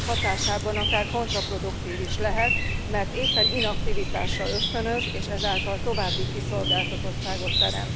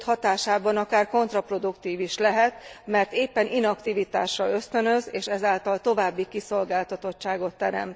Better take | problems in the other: second | background sound (Chirp, tweet); 4 dB above the speech

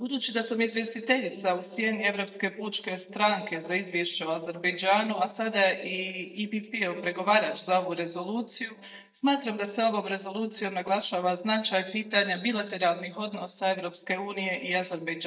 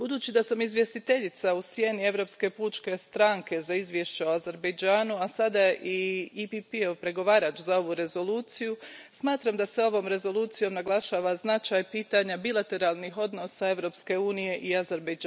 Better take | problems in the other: second | noise reduction (neural mask model DeepFilterNet 3)

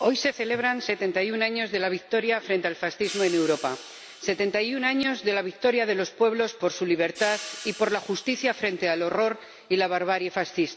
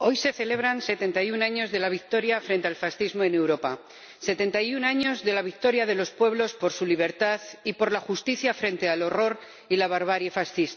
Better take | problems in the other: second | background sound (Hi-hat); 19 dB below the speech

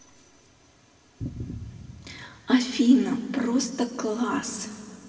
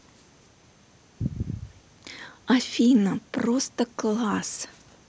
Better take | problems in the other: second | room echo; dies away in 2.3 s

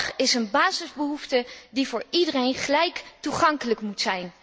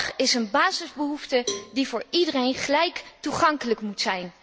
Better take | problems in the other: first | background sound (Cowbell); 14 dB below the speech

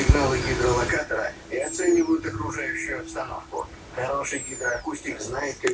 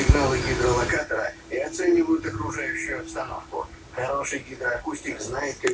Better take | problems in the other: second | background sound (Animal); 16 dB below the speech

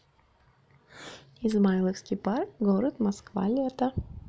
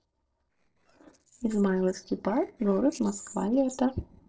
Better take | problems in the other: first | noise reduction (neural separator model SepFormer DNS4)

